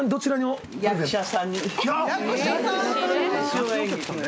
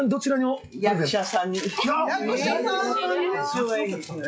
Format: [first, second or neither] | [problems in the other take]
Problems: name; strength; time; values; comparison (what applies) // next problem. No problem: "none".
first | noise reduction (classical method log-MMSE)